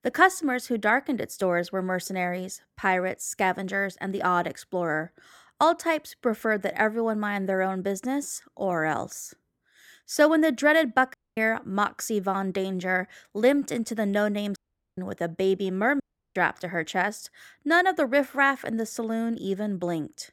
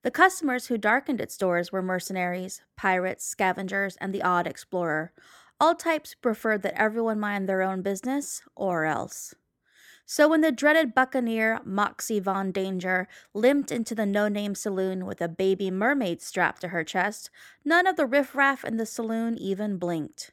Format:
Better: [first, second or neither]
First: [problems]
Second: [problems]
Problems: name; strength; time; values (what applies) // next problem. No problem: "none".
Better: second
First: audio cutting out; at 11 s, at 15 s and at 16 s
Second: none